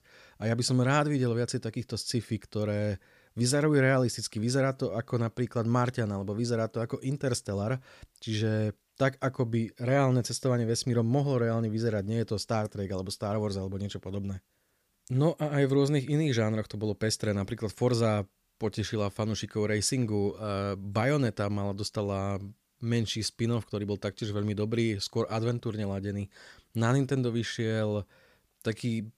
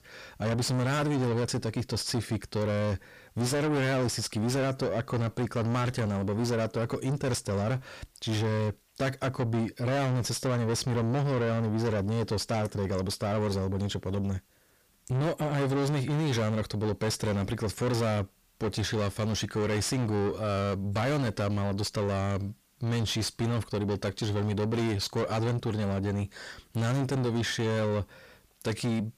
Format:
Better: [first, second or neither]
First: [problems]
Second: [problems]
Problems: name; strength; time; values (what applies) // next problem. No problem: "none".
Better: first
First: none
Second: distortion; heavy; 6 dB below the speech